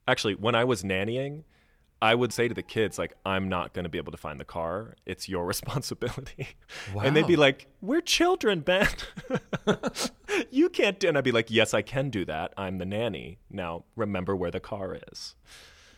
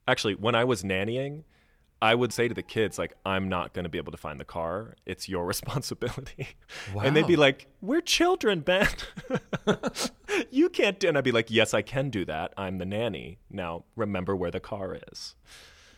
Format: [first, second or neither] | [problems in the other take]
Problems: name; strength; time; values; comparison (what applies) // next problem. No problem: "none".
neither | none